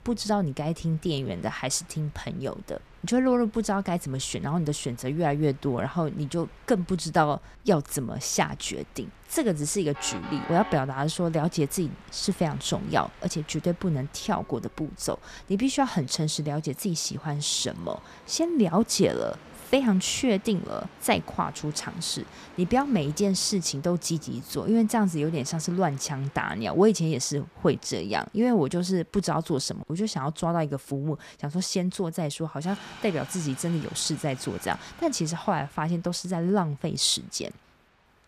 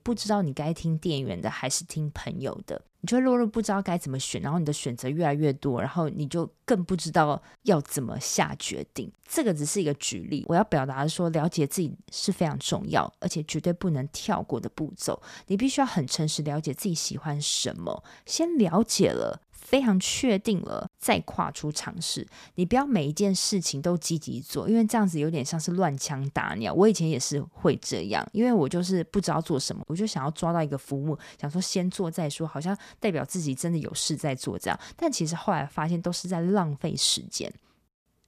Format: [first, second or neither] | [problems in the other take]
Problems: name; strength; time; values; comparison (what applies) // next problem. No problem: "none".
second | train or aircraft noise; faint; throughout; 20 dB below the speech